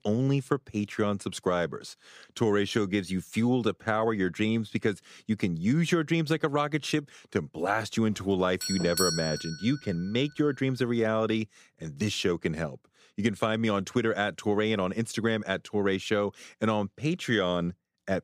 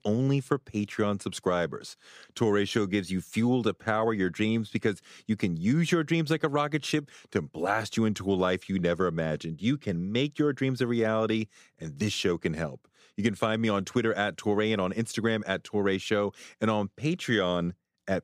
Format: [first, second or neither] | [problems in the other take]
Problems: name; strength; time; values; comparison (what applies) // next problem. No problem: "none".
second | doorbell; loud; from 8.5 to 9.5 s; peak level with the speech